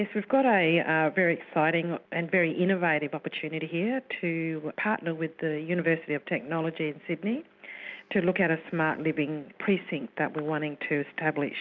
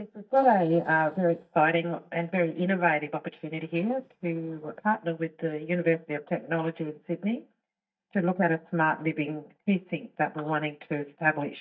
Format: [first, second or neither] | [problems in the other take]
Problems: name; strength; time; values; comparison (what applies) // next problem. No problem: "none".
first | noise reduction (neural mask model DeepFilterNet 3)